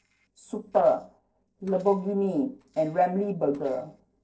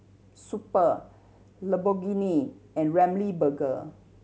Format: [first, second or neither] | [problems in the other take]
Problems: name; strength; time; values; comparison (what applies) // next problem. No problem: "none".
second | noise reduction (neural separator model SepFormer DNS4)